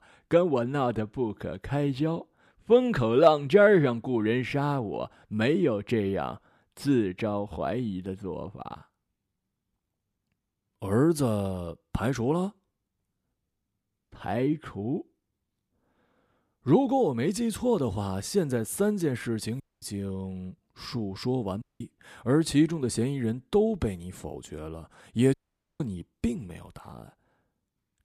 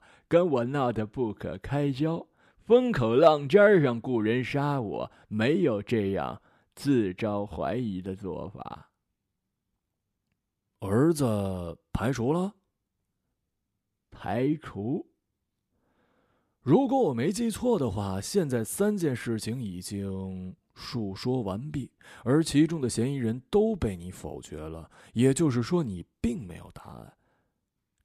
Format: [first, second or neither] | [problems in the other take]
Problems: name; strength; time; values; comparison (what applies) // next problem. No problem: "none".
second | audio cutting out; at 20 s, at 22 s and at 25 s